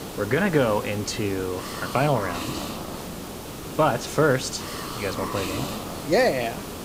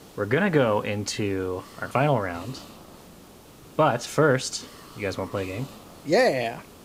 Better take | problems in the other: second | hiss; loud; throughout; 8 dB below the speech; faint in the second

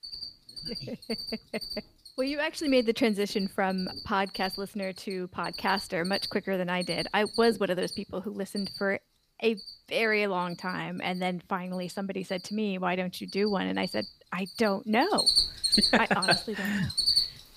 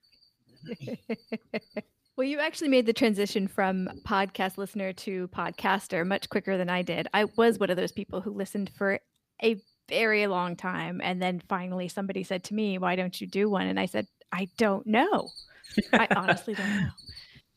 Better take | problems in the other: second | animal sounds; loud; throughout; 1 dB below the speech; faint in the second

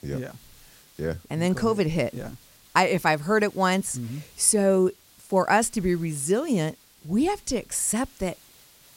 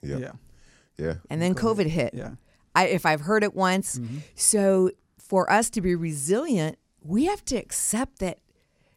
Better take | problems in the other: second | hiss; faint; throughout; 25 dB below the speech

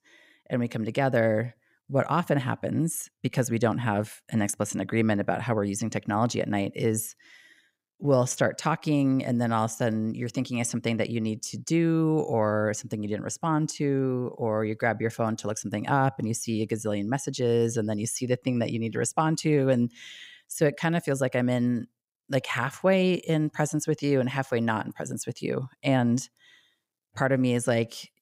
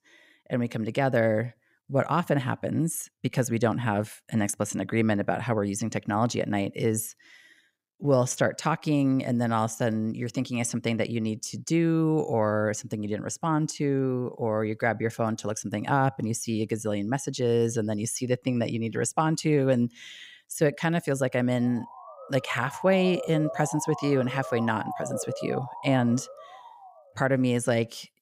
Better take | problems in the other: first | siren; noticeable; from 22 to 27 s; peak 7 dB below the speech

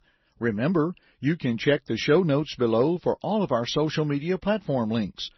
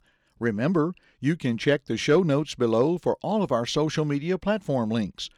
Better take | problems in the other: second | garbled, watery; slightly; nothing above 6 kHz

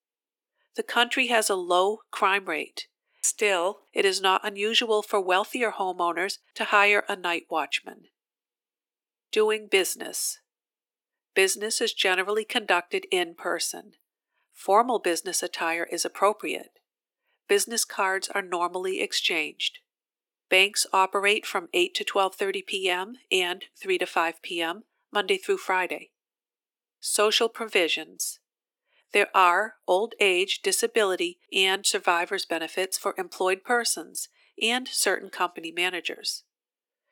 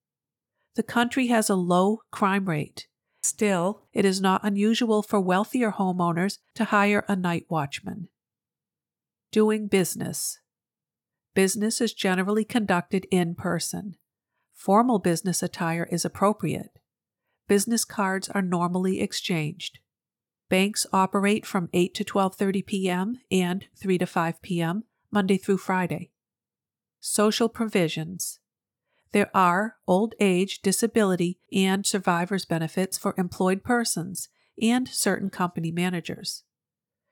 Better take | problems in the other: second | thin; very; fading below 300 Hz

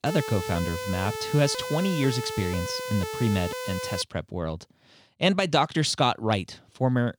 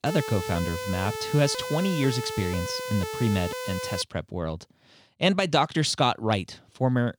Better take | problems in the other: neither | siren; noticeable; until 4 s; peak 6 dB below the speech; the same in both

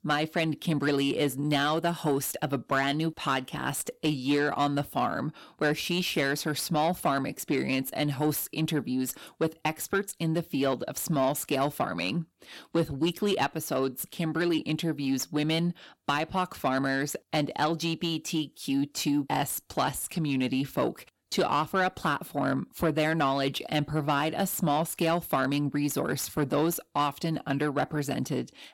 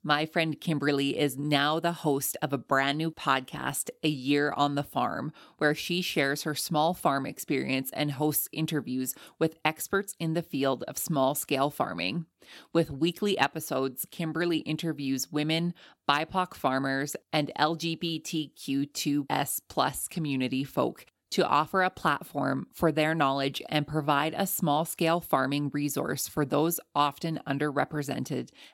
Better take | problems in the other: second | distortion; slight; 10 dB below the speech

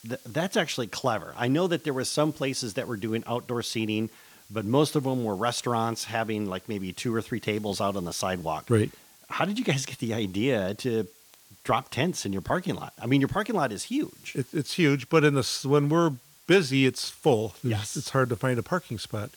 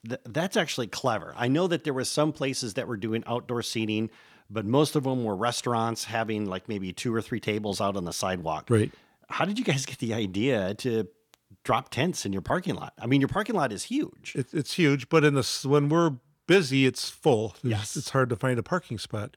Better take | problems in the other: second | hiss; faint; throughout; 25 dB below the speech

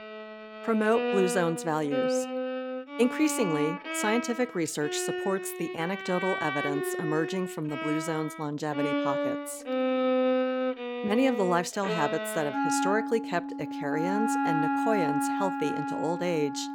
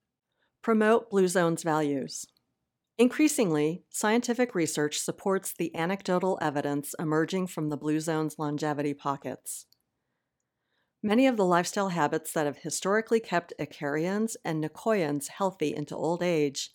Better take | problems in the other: second | background music; loud; throughout; 1 dB below the speech

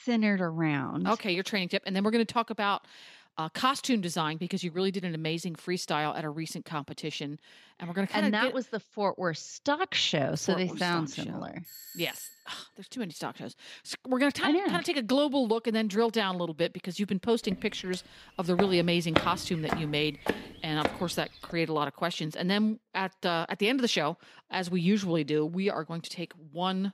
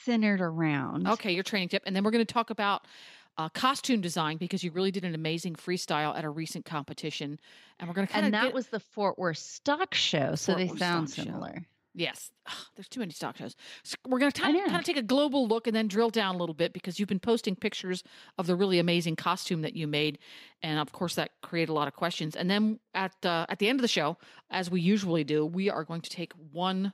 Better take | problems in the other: second | doorbell; faint; at 12 s; peak 15 dB below the speech // footsteps; loud; from 18 to 21 s; peak level with the speech

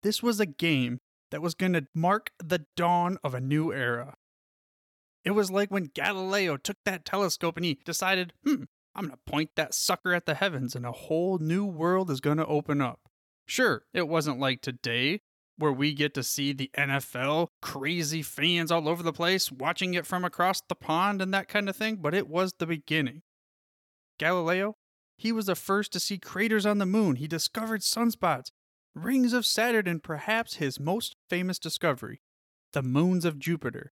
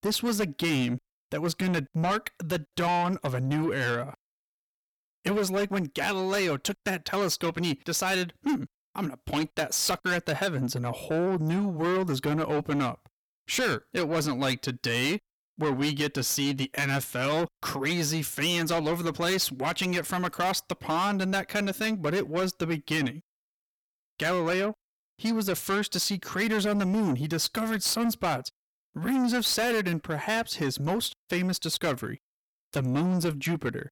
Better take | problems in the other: first | distortion; heavy; 7 dB below the speech

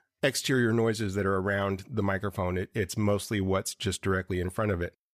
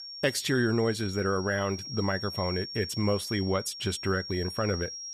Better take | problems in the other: first | high-pitched whine; loud; throughout; 5.5 kHz, 8 dB below the speech

